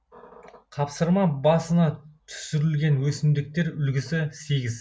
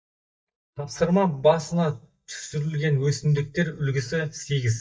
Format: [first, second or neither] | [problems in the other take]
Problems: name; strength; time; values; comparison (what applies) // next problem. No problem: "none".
first | noise reduction (neural mask model DeepFilterNet 3)